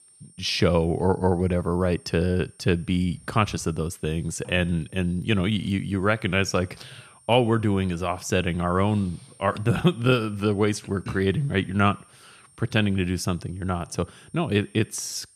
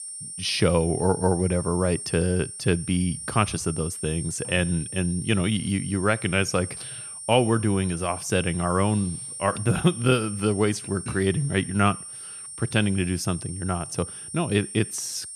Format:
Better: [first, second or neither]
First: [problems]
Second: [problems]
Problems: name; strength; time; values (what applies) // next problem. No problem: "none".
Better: first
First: high-pitched whine; faint; throughout; 9 kHz, 30 dB below the speech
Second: high-pitched whine; loud; throughout; 9 kHz, 9 dB below the speech